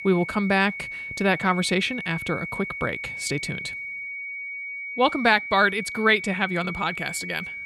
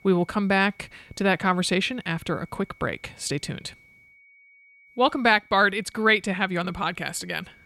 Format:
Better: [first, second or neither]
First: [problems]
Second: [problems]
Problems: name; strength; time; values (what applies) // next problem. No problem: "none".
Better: second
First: high-pitched whine; loud; throughout; 2.5 kHz, 8 dB below the speech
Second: high-pitched whine; faint; throughout; 2.5 kHz, 30 dB below the speech